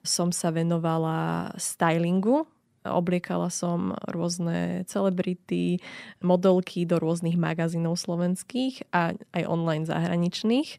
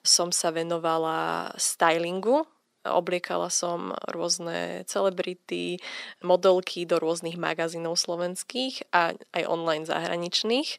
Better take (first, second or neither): first